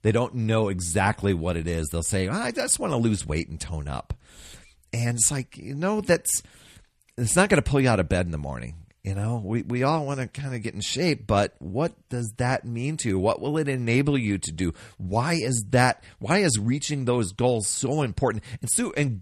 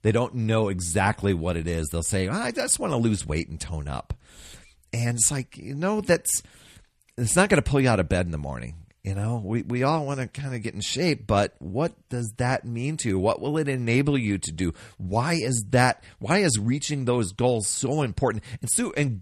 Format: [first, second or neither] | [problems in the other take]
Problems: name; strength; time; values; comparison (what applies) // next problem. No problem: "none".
neither | none